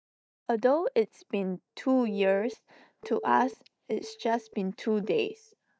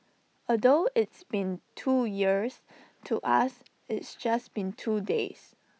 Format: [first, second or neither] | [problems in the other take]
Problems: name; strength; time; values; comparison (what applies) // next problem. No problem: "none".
second | noise reduction (neural mask model DeepFilterNet 3)